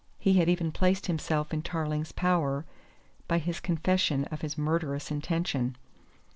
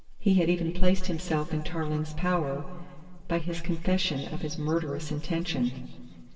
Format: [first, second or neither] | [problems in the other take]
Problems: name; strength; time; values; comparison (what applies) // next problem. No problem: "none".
first | room echo; dies away in 2 s